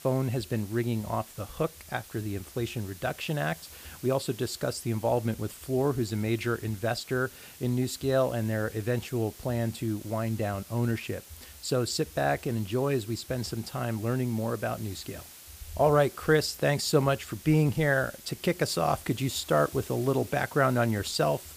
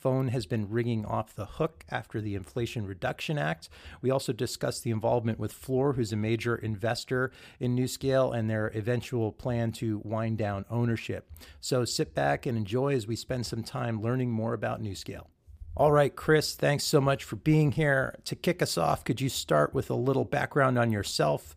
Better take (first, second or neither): second